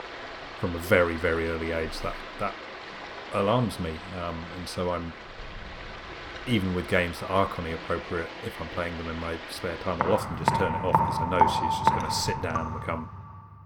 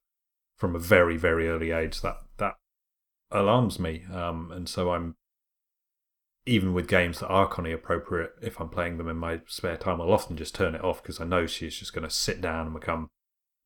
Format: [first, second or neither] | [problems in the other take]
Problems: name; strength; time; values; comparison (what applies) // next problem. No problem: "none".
second | rain or running water; loud; throughout; 3 dB below the speech